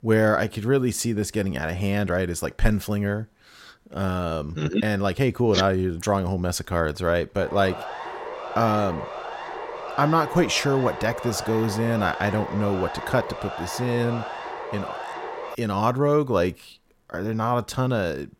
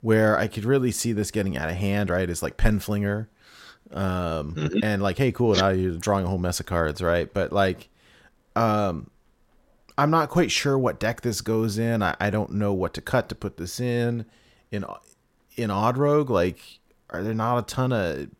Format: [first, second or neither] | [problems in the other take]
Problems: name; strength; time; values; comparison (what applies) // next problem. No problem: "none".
second | siren; noticeable; from 7.5 to 16 s; peak 9 dB below the speech